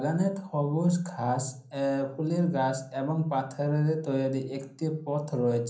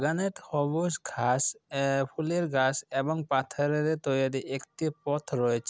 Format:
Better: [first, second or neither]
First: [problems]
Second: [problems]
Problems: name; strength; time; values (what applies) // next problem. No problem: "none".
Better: second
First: room echo; dies away in 0.6 s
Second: none